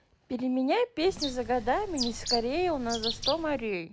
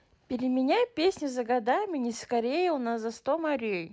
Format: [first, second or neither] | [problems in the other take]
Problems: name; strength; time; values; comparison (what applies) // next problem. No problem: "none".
second | background sound (Bird); 7 dB below the speech